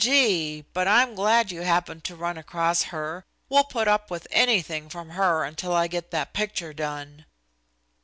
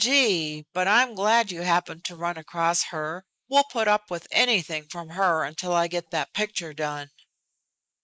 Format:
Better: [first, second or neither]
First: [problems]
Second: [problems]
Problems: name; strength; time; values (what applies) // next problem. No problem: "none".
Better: first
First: none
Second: noise reduction (neural mask model Resemble Enhance denoiser)